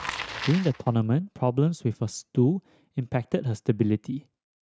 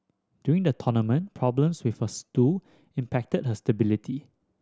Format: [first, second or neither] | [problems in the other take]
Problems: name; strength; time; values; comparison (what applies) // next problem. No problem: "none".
second | noise reduction (neural mask model RNNoise)